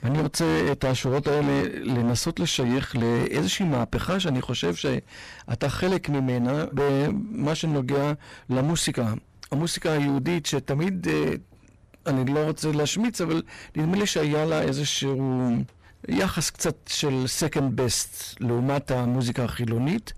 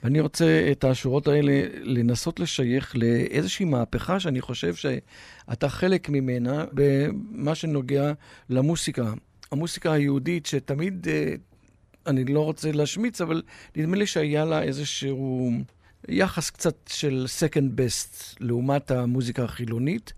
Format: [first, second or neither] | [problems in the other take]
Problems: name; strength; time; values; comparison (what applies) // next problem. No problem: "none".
second | distortion; heavy; 20% of the sound clipped